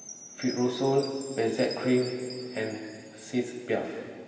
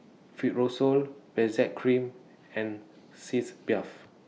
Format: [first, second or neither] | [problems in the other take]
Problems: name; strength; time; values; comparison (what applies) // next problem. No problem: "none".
second | background sound (Chime); 16 dB below the speech // room echo; dies away in 2.6 s